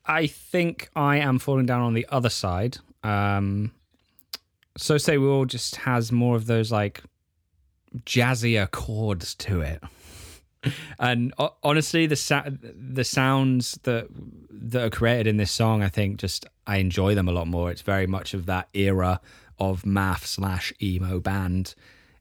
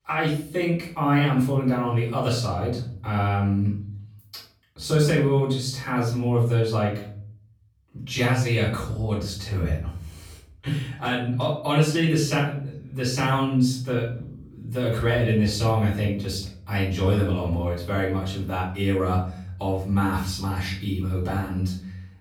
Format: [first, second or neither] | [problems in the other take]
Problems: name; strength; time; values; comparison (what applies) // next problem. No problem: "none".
first | room echo; noticeable; dies away in 0.5 s // off-mic speech; far